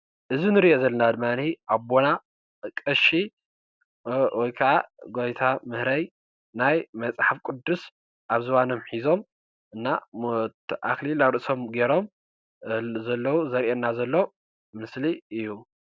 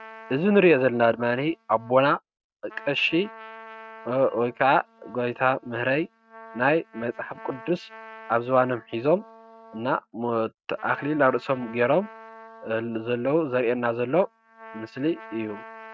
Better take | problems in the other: first | noise reduction (neural mask model RNNoise)

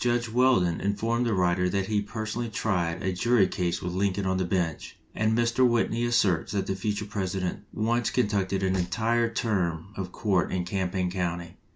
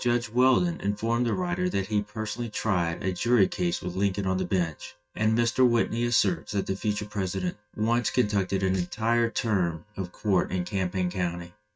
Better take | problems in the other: first | noise reduction (neural mask model RNNoise)

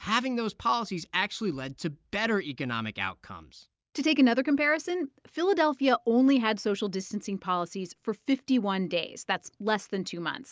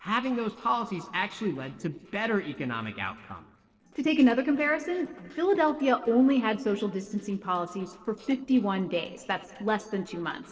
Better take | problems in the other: first | noise reduction (neural separator model SepFormer DNS4)

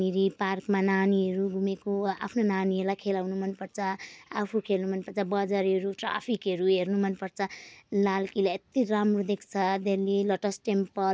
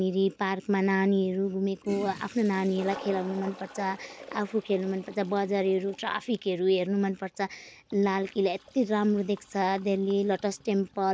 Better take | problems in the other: first | background sound (Toilet flush); 20 dB below the speech

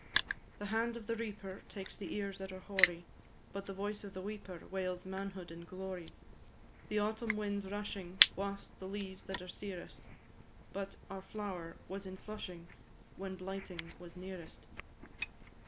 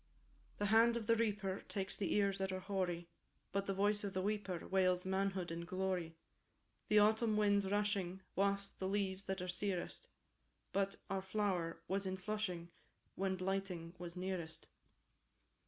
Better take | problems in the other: second | background sound (Crushing); 2 dB below the speech

